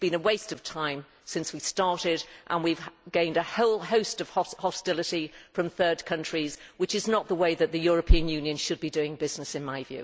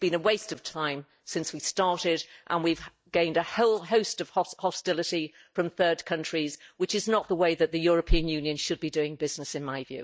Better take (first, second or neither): first